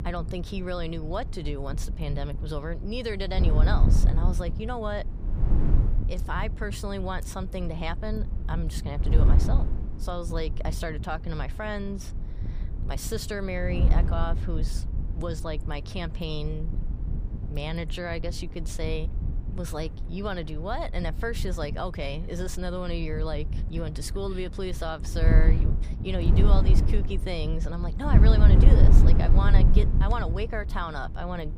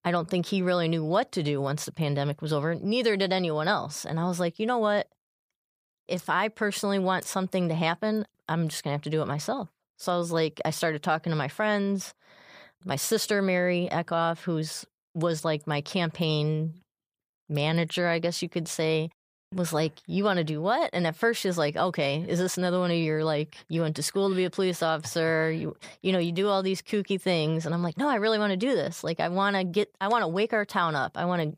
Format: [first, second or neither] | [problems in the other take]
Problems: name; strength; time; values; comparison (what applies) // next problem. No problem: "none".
second | wind noise on the microphone; heavy; 7 dB below the speech